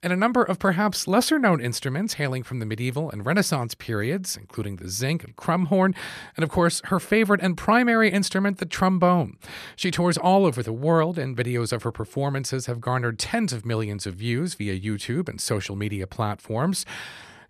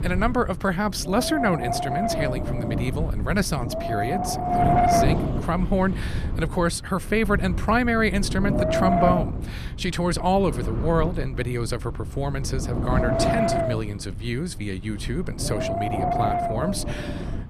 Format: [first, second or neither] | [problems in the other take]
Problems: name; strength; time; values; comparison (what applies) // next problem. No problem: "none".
first | wind noise on the microphone; heavy; 2 dB above the speech